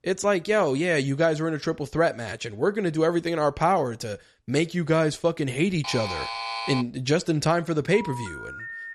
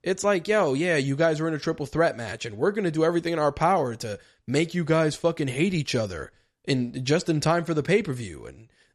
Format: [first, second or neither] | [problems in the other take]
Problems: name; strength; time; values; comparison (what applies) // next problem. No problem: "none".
second | alarm; noticeable; at 6 s; peak 5 dB below the speech // phone ringing; faint; from 8 s on; peak 10 dB below the speech